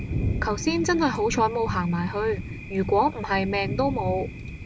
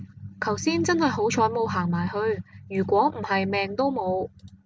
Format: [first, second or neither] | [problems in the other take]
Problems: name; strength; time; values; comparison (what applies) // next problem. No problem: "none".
second | background sound (Thunder); 7 dB below the speech